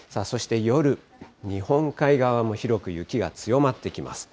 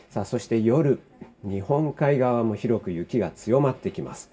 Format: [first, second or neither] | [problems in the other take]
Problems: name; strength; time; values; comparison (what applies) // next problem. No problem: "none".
first | room echo; dies away in 0.2 s